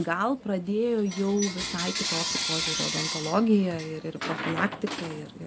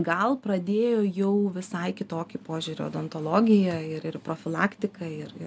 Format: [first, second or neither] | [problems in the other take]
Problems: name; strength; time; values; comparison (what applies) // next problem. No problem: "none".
second | background sound (Coin (dropping) / Bell); 5 dB below the speech